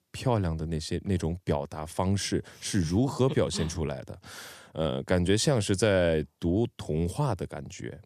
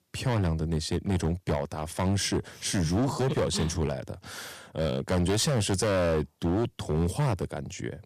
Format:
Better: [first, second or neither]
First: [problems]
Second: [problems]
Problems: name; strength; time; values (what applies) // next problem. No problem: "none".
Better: first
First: none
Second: distortion; heavy; 12% of the sound clipped